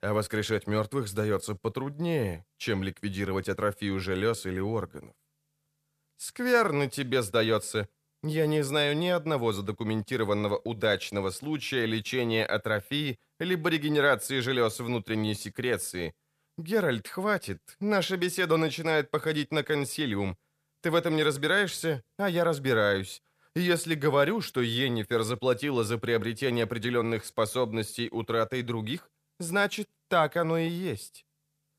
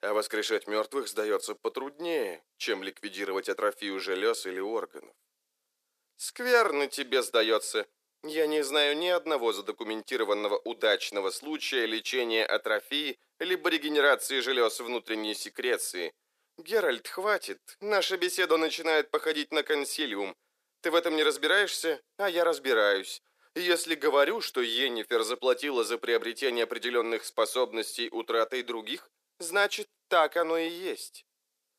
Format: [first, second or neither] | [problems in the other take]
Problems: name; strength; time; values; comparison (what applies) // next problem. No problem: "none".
first | thin; somewhat; fading below 300 Hz